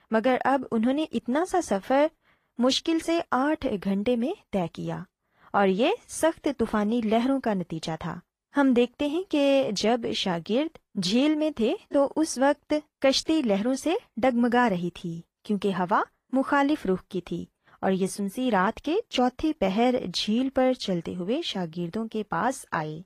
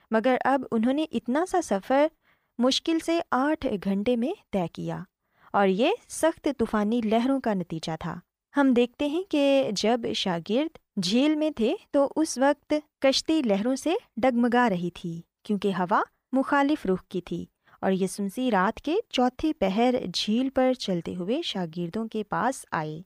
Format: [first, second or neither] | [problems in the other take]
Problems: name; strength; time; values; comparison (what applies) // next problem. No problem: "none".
second | garbled, watery; slightly; nothing above 13.5 kHz